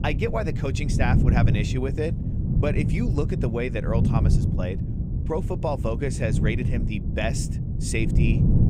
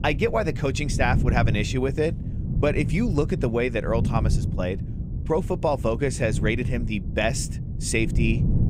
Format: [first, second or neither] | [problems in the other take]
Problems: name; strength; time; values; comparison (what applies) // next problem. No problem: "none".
second | wind noise on the microphone; heavy; 6 dB below the speech; occasional gusts in the second